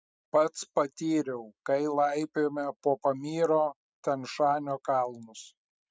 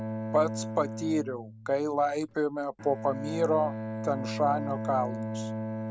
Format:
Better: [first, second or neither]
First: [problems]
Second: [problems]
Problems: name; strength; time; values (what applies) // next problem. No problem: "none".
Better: first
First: none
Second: background sound (Bowed string instrument); 6 dB below the speech